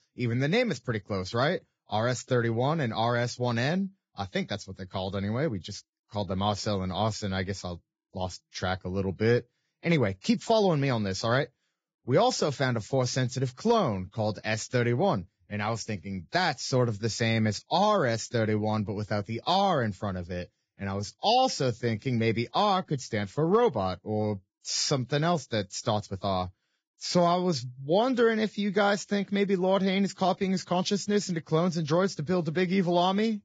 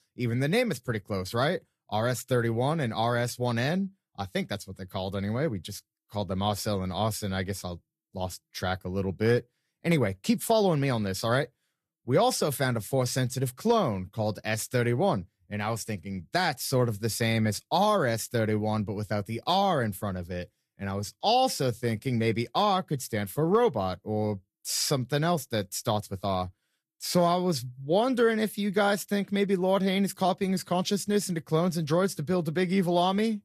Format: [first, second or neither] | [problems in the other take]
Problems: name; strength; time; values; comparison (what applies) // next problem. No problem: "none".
second | garbled, watery; badly; nothing above 7.5 kHz; slightly in the second